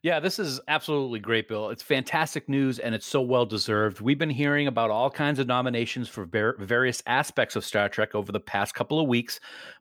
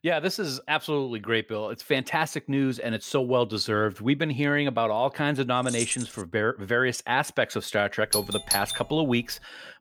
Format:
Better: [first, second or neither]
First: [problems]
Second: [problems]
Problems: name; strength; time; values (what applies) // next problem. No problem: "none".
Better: first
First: none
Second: jangling keys; noticeable; at 5.5 s; peak 3 dB below the speech // doorbell; loud; at 8 s; peak level with the speech